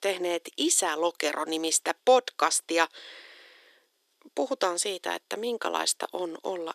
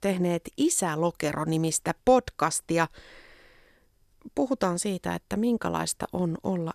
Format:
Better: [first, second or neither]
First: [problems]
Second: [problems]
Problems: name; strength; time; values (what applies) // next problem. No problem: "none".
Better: second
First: thin; somewhat; fading below 350 Hz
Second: none